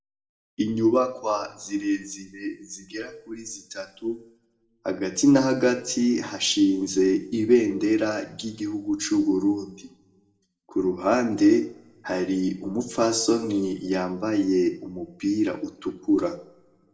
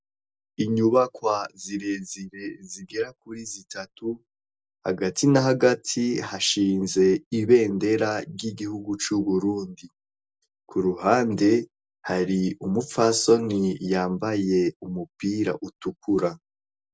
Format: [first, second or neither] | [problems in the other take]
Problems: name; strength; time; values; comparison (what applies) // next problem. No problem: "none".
second | room echo; dies away in 0.6 s